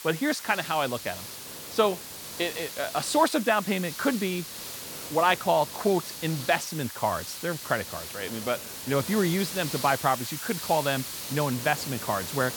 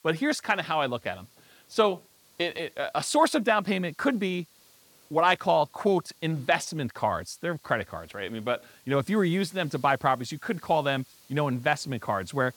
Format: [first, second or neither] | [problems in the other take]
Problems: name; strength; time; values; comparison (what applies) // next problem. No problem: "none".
second | hiss; loud; throughout; 8 dB below the speech; faint in the second